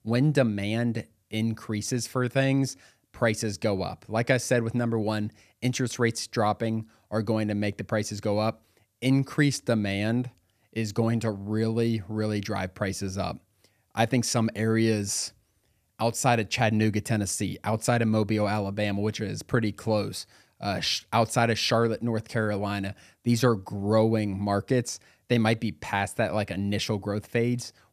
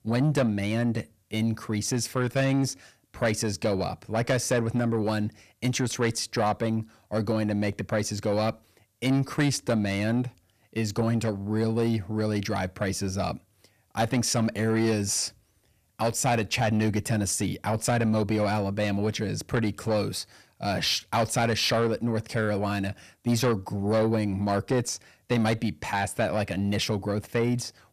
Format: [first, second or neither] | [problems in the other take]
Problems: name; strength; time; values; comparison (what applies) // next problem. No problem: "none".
first | distortion; slight; 10 dB below the speech